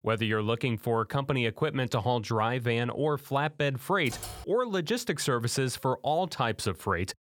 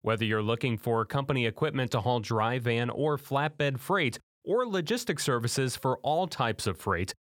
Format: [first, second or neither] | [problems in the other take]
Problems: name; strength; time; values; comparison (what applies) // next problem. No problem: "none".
second | keyboard typing; faint; at 4 s; peak 10 dB below the speech